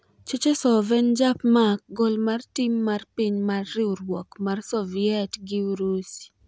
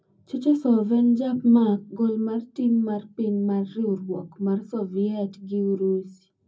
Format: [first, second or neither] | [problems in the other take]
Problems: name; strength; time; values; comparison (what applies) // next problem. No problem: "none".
first | room echo; dies away in 0.4 s